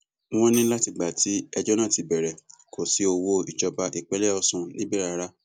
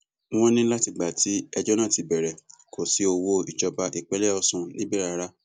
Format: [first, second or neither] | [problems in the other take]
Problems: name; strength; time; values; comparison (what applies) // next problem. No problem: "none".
second | background sound (Tambourine); 14 dB below the speech